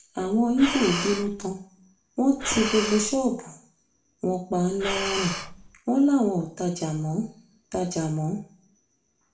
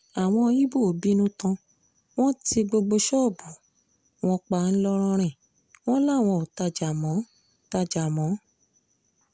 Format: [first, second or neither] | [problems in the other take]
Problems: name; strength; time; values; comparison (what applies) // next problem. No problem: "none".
second | background sound (Breathing); 6 dB below the speech // room echo; dies away in 0.4 s